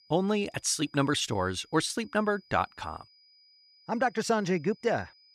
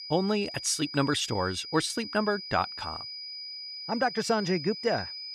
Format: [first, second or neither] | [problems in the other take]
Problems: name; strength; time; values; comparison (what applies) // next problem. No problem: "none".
first | high-pitched whine; loud; throughout; 5 kHz, 9 dB below the speech; faint in the first